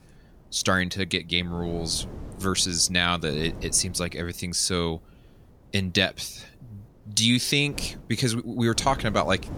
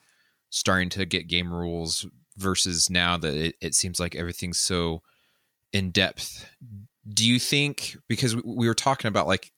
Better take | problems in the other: second | wind noise on the microphone; occasional gusts; 20 dB below the speech

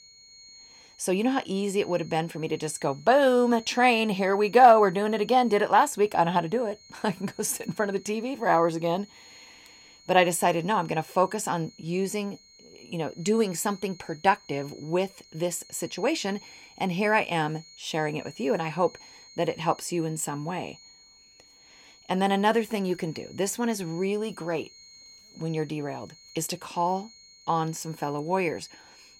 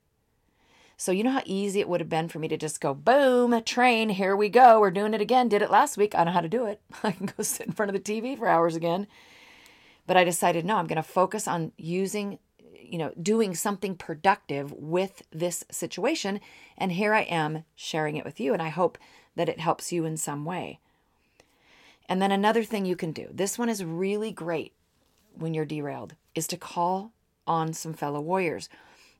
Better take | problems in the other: second | high-pitched whine; faint; throughout; 4 kHz, 25 dB below the speech

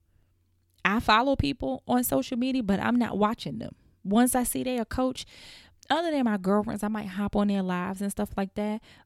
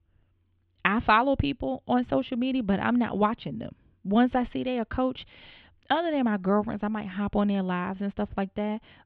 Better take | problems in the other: first | muffled; very; fading above 3 kHz

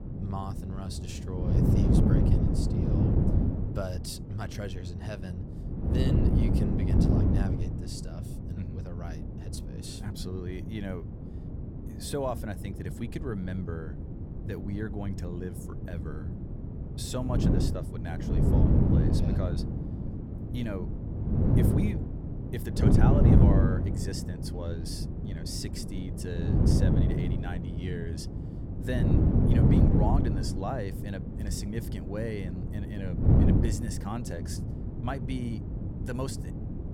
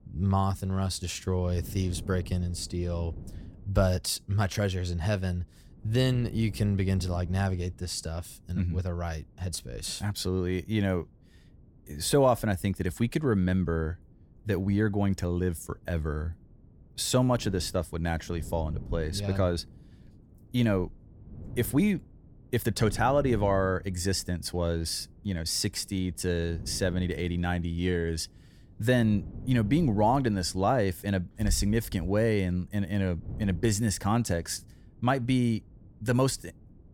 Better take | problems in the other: second | wind noise on the microphone; heavy; 3 dB above the speech; occasional gusts in the second

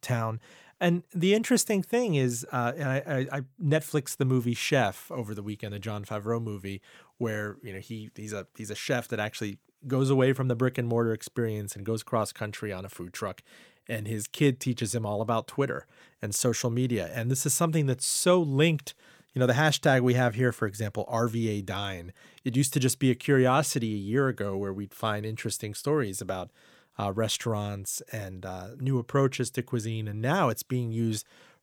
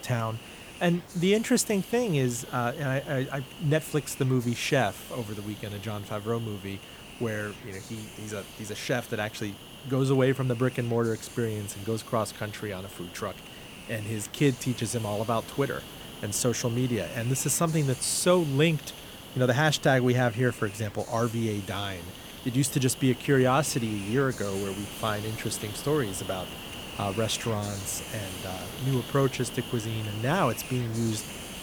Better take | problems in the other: first | hiss; noticeable; throughout; 10 dB below the speech

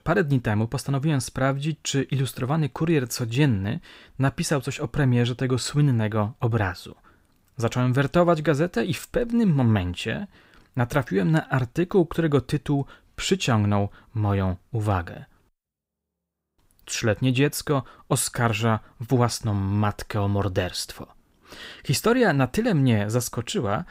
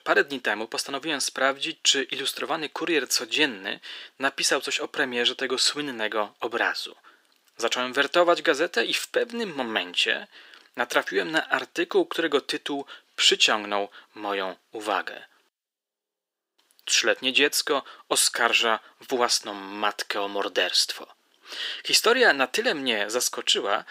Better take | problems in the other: first | thin; very; fading below 350 Hz

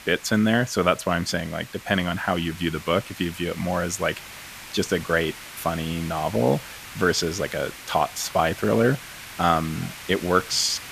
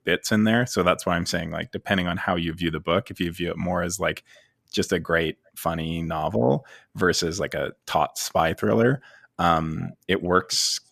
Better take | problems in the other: second | hiss; noticeable; throughout; 15 dB below the speech

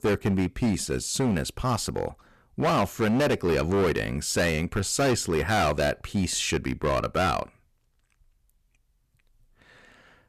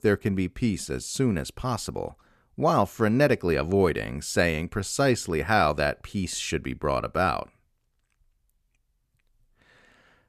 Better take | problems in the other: second | distortion; heavy; 11% of the sound clipped

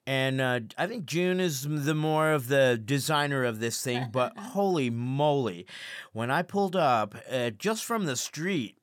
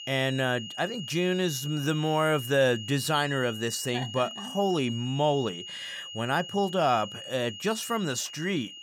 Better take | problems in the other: first | high-pitched whine; noticeable; throughout; 3 kHz, 10 dB below the speech

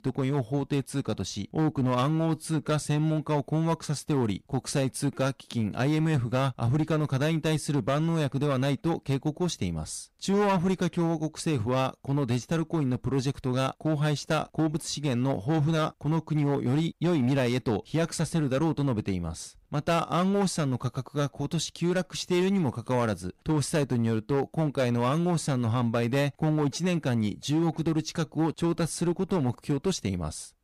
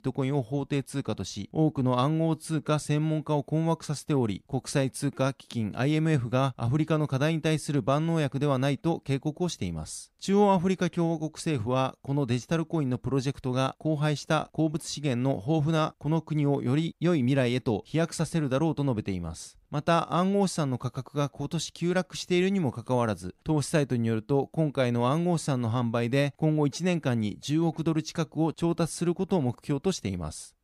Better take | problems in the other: second | distortion; slight; 9% of the sound clipped

